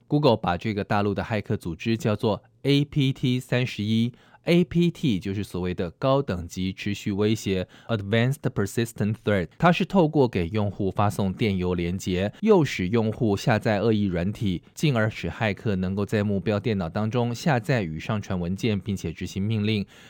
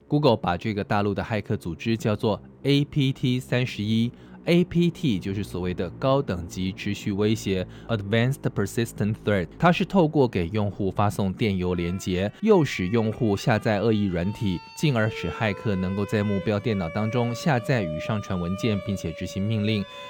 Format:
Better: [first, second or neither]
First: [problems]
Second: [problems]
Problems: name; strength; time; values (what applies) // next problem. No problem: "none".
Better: first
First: none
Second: background music; noticeable; throughout; 15 dB below the speech